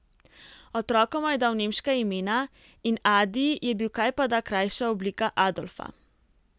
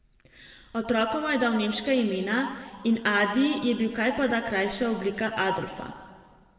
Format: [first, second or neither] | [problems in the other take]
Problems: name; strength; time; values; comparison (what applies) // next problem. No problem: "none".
first | room echo; dies away in 1.7 s